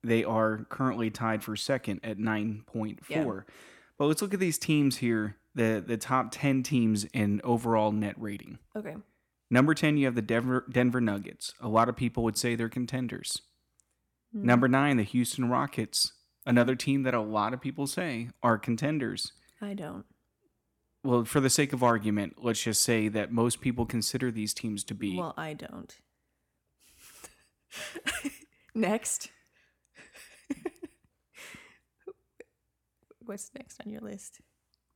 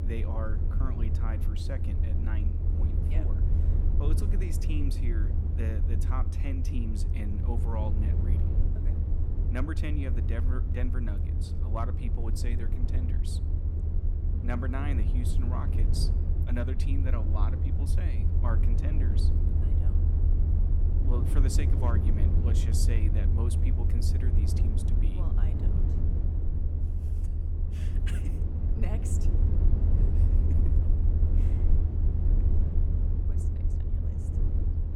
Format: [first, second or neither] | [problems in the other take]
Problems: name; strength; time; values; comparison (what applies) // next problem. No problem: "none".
first | low rumble; loud; throughout; 2 dB below the speech